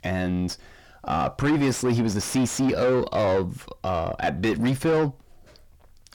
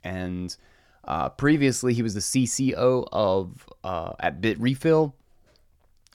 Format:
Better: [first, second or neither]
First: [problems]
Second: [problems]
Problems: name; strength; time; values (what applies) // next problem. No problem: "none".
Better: second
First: distortion; heavy; 6 dB below the speech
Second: none